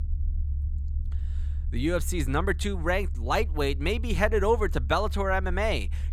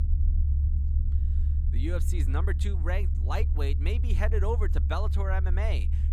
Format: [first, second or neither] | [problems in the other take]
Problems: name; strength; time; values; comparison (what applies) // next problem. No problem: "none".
first | low rumble; loud; throughout; 9 dB below the speech; faint in the first